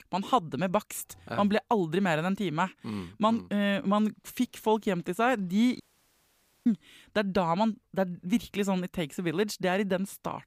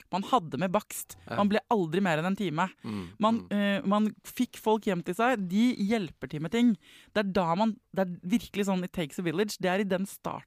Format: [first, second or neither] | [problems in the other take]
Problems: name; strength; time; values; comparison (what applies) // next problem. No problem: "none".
second | audio cutting out; at 6 s for 1 s